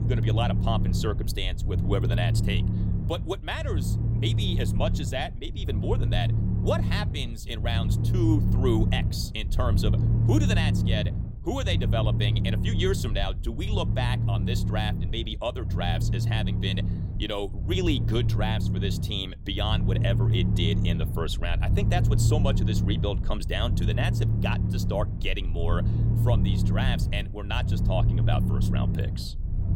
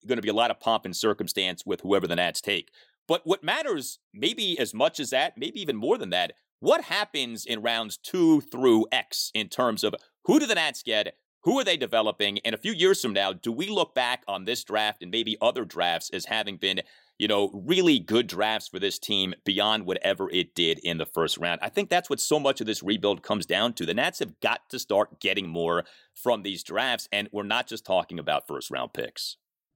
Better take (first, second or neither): second